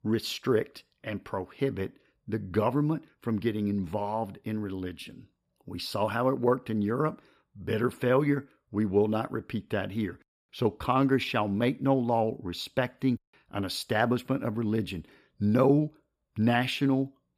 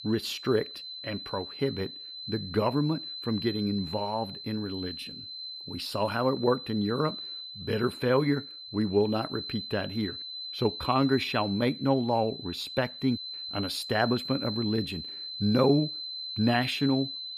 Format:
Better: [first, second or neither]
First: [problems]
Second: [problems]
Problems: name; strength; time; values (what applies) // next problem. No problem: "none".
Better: first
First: none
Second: high-pitched whine; loud; throughout; 4 kHz, 8 dB below the speech